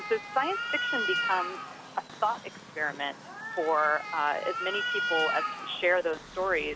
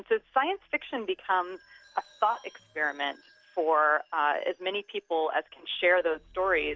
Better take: second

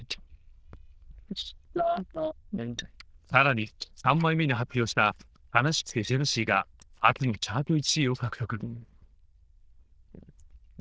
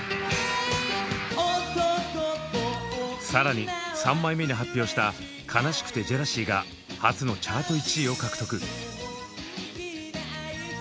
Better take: second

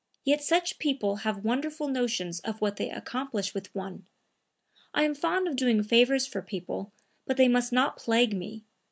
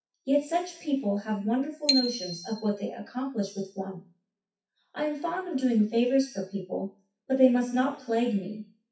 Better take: first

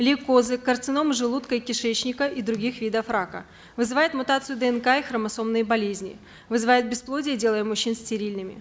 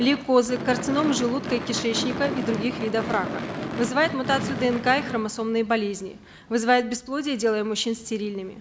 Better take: first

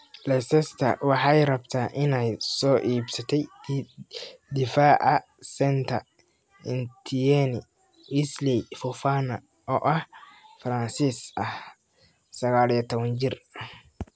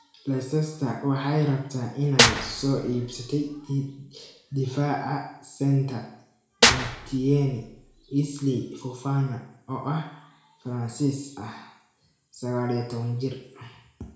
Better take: first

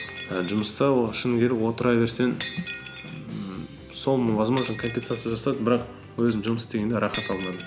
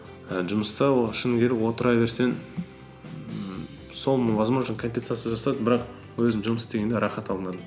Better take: second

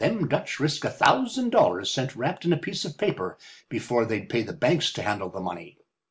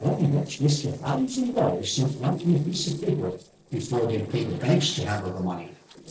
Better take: first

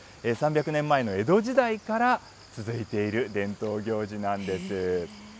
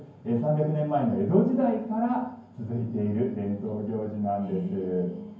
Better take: first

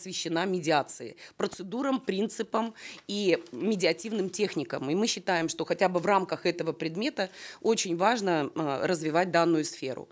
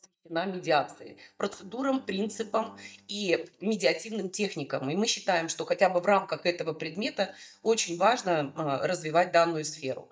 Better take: first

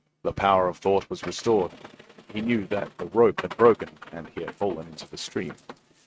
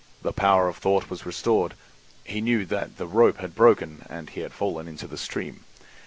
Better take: second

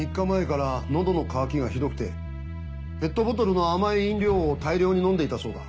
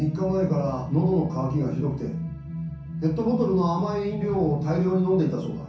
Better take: first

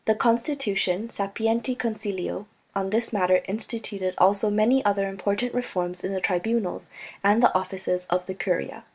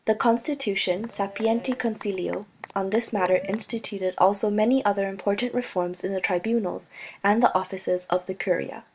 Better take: first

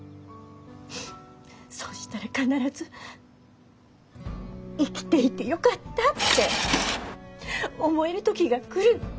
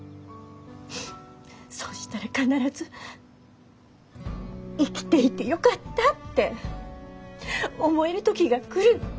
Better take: second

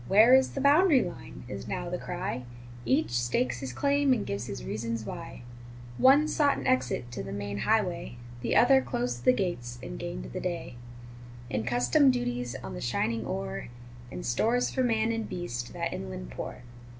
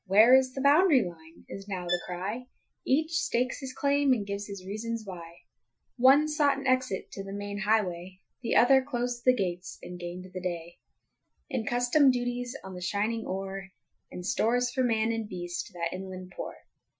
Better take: first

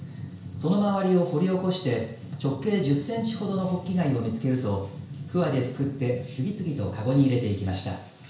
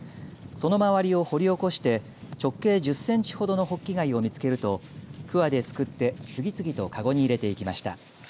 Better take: second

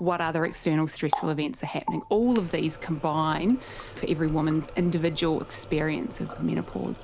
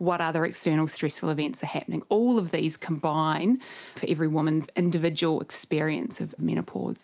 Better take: second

